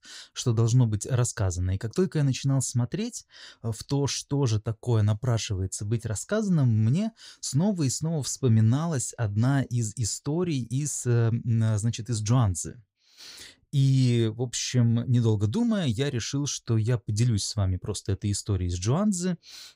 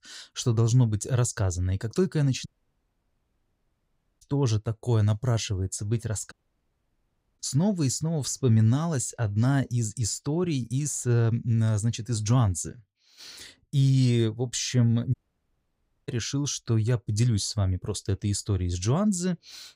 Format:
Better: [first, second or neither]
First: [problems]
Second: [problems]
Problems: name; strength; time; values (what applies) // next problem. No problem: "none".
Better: first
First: none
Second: audio cutting out; at 2.5 s for 2 s, at 6.5 s for 1 s and at 15 s for 1 s